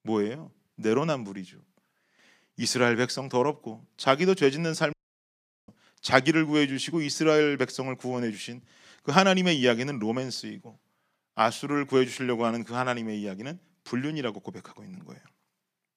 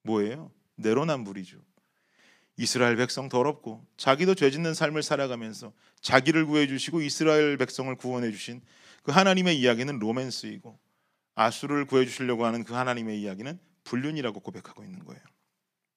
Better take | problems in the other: second | audio cutting out; at 5 s for 1 s

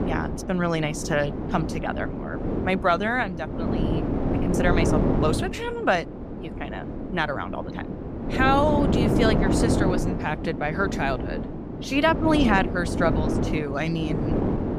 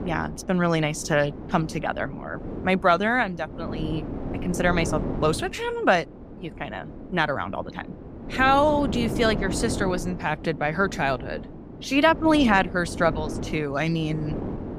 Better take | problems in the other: second | wind noise on the microphone; heavy; 6 dB below the speech; occasional gusts in the second

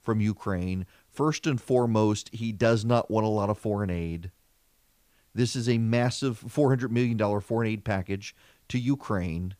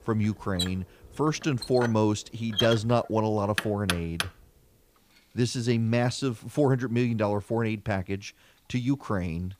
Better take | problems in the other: first | household noises; loud; throughout; 5 dB below the speech

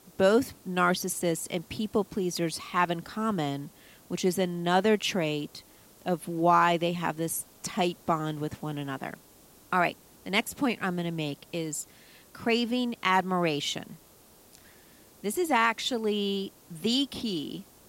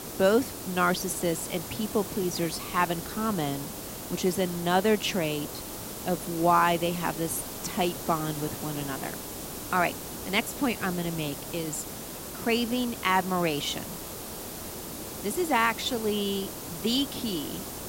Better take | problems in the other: first | hiss; loud; throughout; 8 dB below the speech; faint in the first

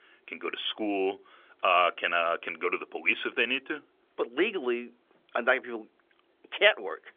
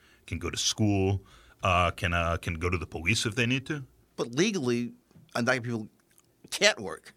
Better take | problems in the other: second | phone-call audio; nothing above 3.5 kHz

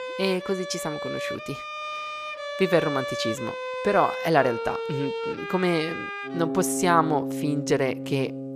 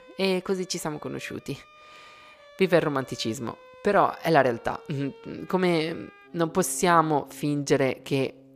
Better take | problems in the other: second | background music; loud; throughout; 6 dB below the speech; faint in the second

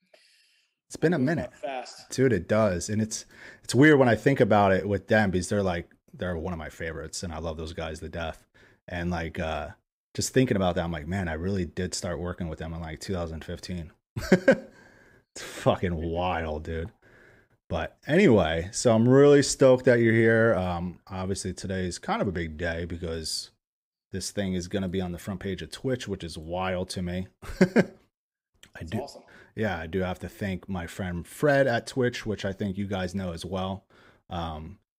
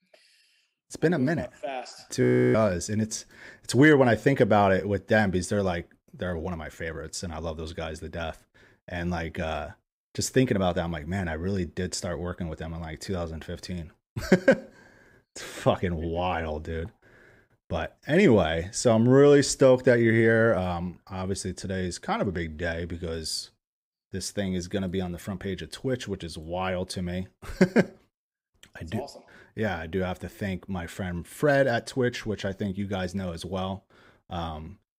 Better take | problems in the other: first | audio freezing; at 2 s

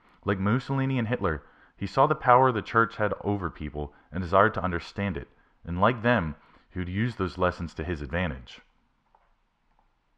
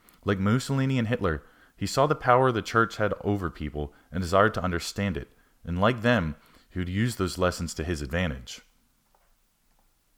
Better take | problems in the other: second | muffled; slightly; fading above 2.5 kHz

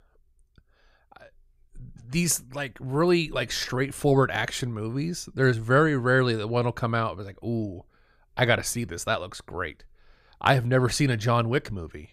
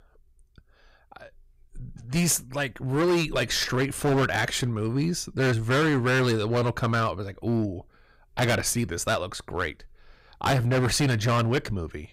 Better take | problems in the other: first | distortion; heavy; 11% of the sound clipped

